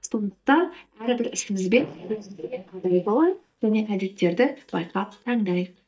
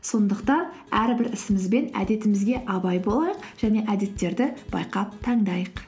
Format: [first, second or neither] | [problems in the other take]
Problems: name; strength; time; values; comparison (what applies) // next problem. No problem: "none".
second | noise reduction (neural mask model DeepFilterNet 3)